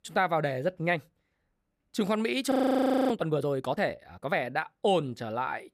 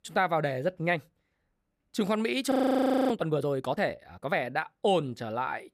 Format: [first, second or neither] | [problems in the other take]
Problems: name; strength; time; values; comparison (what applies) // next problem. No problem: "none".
neither | audio freezing; at 2.5 s for 0.5 s; the same in both